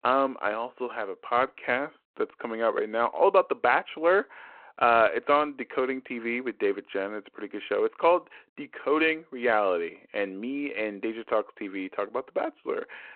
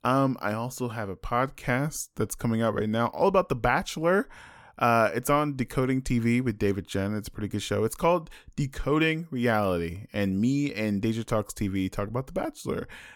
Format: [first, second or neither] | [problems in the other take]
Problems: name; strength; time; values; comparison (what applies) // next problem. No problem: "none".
second | phone-call audio